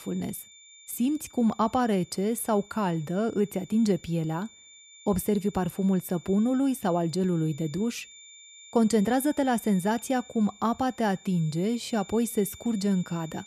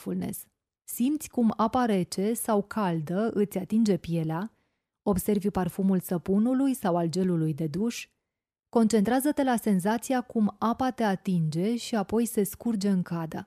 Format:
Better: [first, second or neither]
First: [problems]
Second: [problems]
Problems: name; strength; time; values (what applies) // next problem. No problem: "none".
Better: second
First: high-pitched whine; faint; throughout; 3.5 kHz, 20 dB below the speech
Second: none